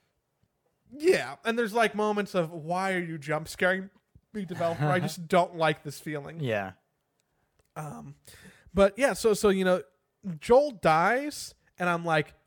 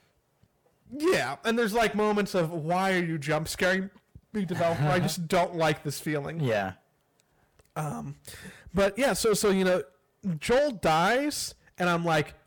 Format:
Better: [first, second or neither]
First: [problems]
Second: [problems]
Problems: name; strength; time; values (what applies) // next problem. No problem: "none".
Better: first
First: none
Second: distortion; heavy; 7 dB below the speech